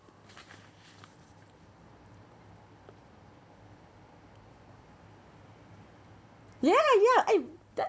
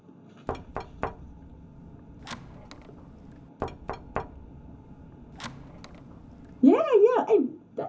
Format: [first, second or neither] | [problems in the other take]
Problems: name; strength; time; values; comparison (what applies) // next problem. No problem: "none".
first | background sound (Knock); 12 dB below the speech // room echo; dies away in 0.3 s